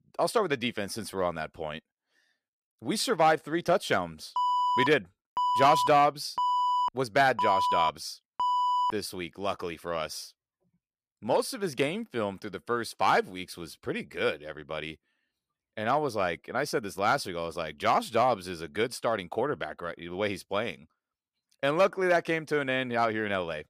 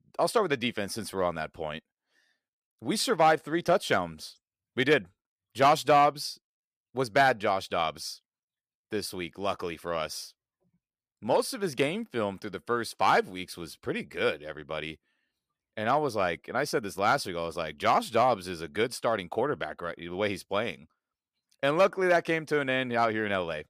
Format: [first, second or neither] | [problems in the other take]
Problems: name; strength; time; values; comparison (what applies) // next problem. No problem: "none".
second | alarm; loud; from 4.5 to 9 s; peak 3 dB above the speech